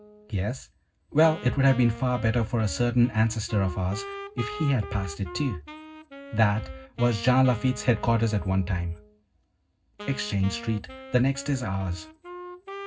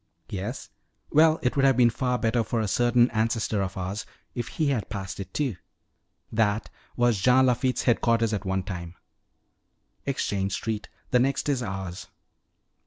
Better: second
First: background sound (Wind instrument, woodwind instrument); 15 dB below the speech // room echo; dies away in 0.4 s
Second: none

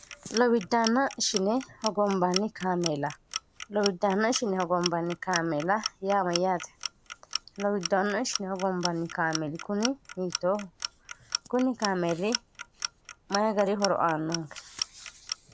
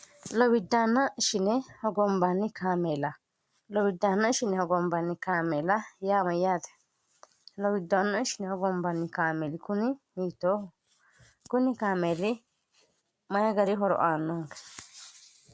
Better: second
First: background sound (Clock); 10 dB below the speech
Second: none

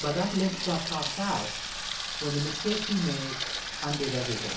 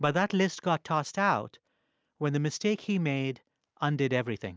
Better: second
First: background sound (Sink (filling or washing) / Water tap, faucet); 3 dB below the speech // room echo; dies away in 0.7 s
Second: none

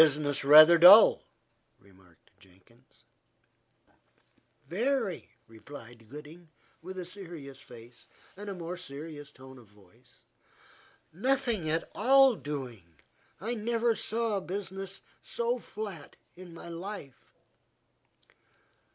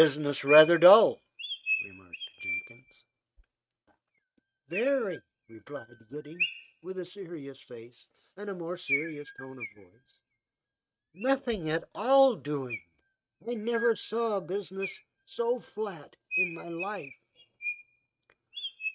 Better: first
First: none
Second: noise reduction (neural mask model RNNoise)

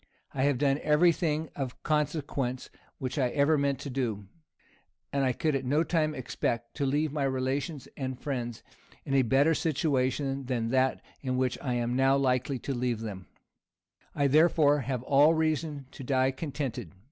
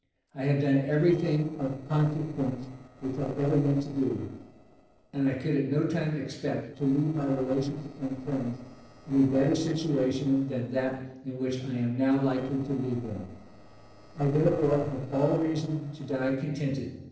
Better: first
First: none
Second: noise reduction (neural separator model SepFormer DNS4)

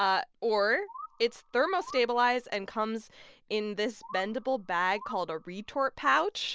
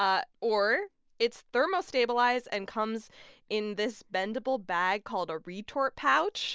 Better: second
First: background sound (Bird); 20 dB below the speech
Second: none

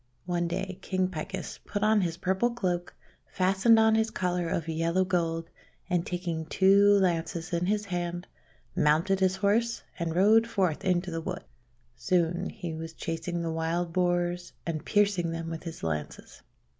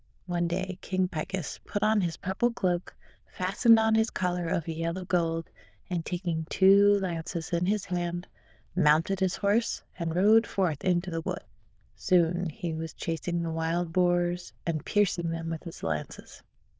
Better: first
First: none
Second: noise reduction (neural diffusion model UNIVERSE++)

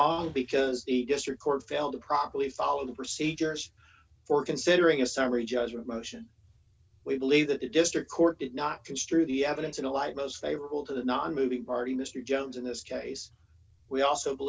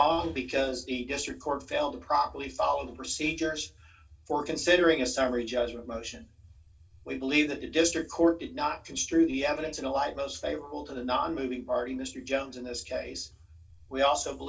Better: first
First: none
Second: room echo; dies away in 0.2 s

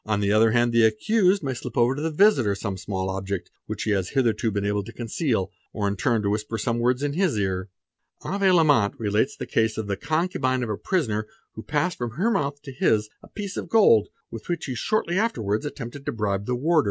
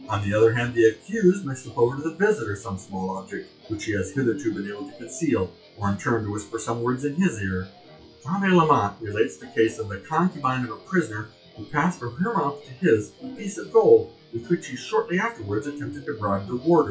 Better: first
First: none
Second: noise reduction (classical method WPE with log-MMSE)

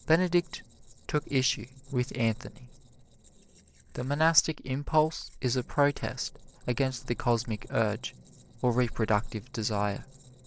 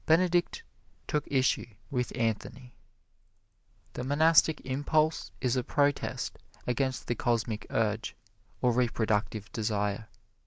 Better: second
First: noise reduction (neural separator model SepFormer DNS4)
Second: none

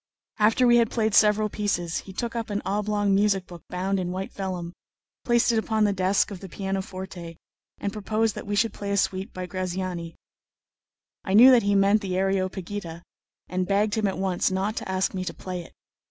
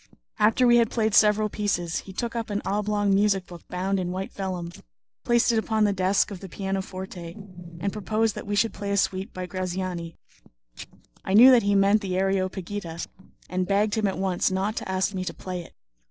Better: first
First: none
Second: noise reduction (neural separator model SepFormer DNS4)

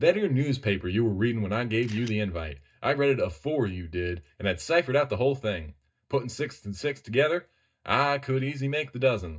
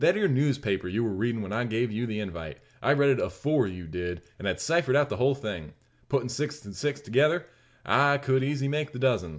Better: second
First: noise reduction (neural mask model DeepFilterNet 3)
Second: none

